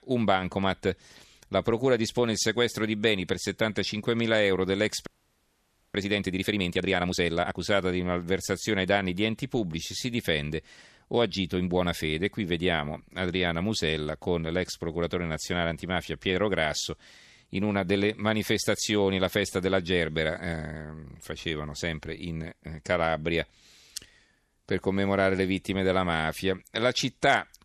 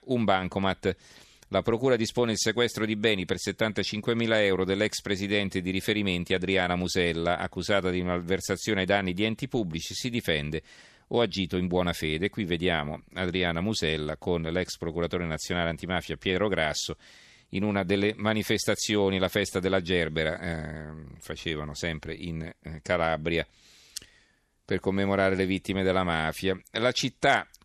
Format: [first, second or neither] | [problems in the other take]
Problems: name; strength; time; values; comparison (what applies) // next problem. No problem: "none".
second | audio freezing; at 5 s for 1 s